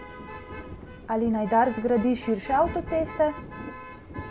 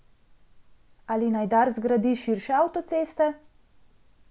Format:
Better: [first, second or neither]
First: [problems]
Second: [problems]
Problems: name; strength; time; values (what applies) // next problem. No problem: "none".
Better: second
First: background sound (Motor vehicle (road) + Thunder); 12 dB below the speech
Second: none